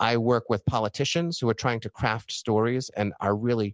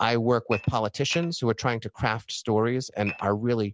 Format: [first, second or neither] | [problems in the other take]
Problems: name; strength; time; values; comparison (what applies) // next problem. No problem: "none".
first | background sound (Dishes, pots, and pans / Glass); 12 dB below the speech